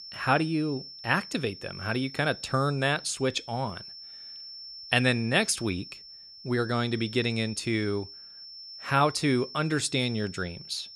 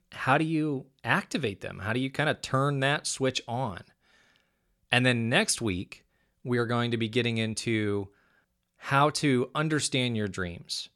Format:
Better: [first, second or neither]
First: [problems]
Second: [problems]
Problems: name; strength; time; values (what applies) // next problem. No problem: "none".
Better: second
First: high-pitched whine; noticeable; throughout; 5.5 kHz, 15 dB below the speech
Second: none